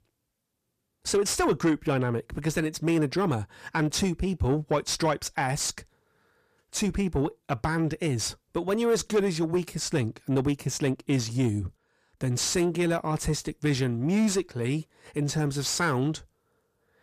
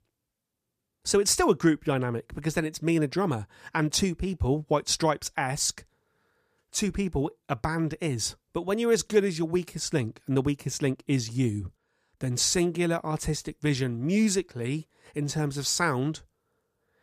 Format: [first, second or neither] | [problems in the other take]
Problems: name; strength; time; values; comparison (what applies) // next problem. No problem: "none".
second | distortion; slight; 10 dB below the speech